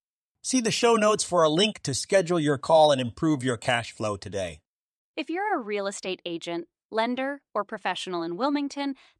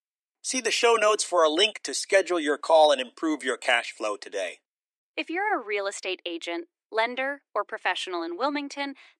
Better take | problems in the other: first | thin; somewhat; fading below 300 Hz

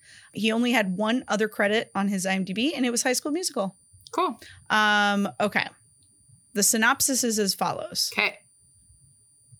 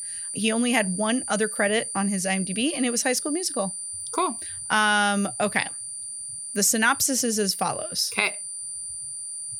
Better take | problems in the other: first | high-pitched whine; loud; throughout; 9 kHz, 7 dB below the speech; faint in the first

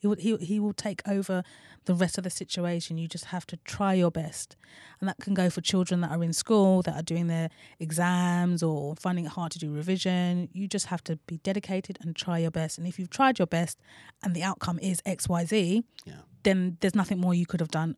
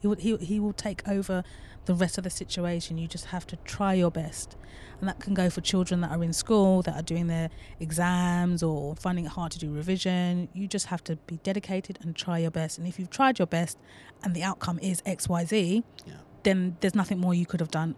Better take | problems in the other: first | train or aircraft noise; faint; throughout; 25 dB below the speech

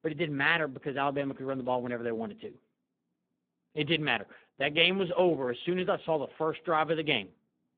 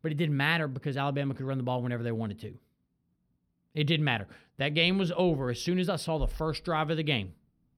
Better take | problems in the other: second | phone-call audio; poor line

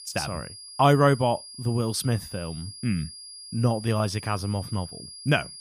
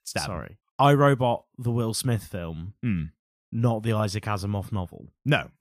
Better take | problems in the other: second | high-pitched whine; noticeable; throughout; 5 kHz, 15 dB below the speech

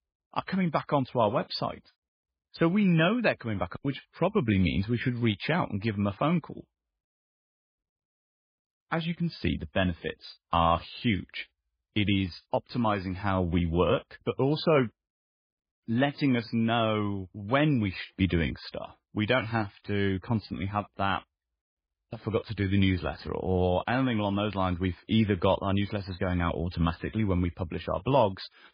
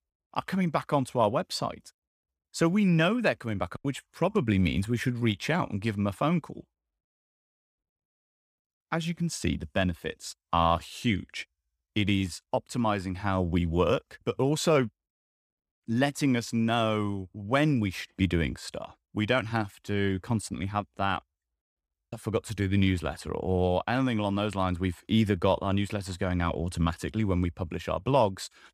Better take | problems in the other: second | garbled, watery; badly; nothing above 4.5 kHz

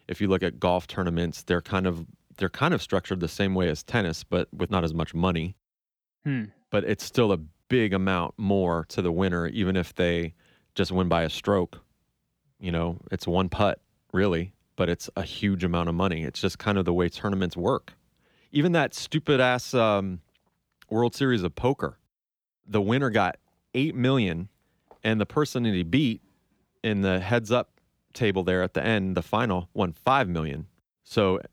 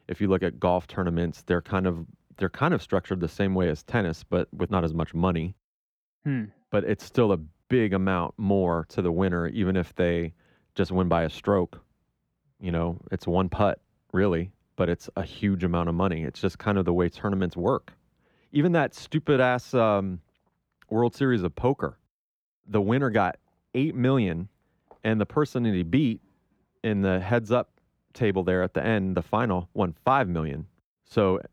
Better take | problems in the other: first | muffled; slightly; fading above 2.5 kHz

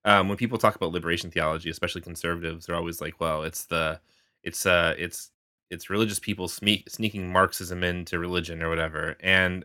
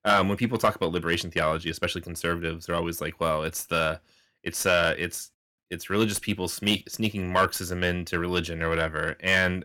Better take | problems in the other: first | distortion; slight; 10 dB below the speech

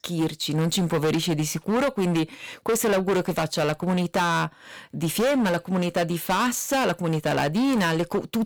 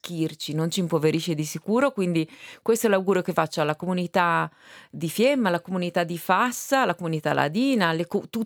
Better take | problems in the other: second | distortion; heavy; 19% of the sound clipped

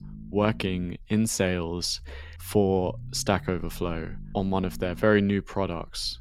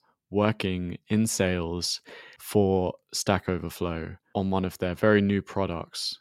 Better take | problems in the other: second | low rumble; faint; throughout; 25 dB below the speech

